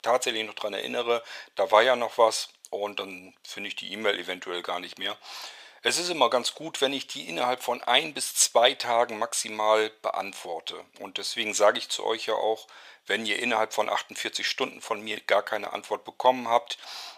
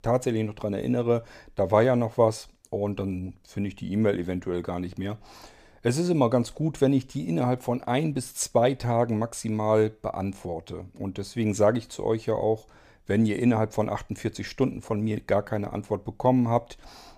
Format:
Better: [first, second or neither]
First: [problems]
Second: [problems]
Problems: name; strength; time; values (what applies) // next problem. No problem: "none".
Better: second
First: thin; very; fading below 800 Hz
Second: none